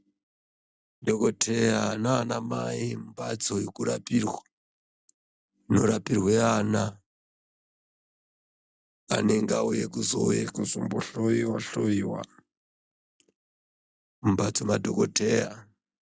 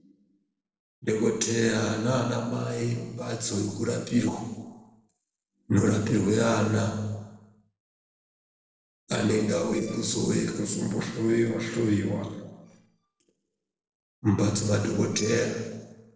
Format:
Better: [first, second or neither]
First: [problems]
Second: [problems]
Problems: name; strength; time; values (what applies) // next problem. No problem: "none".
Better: first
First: none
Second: noise reduction (neural separator model SepFormer DNS4)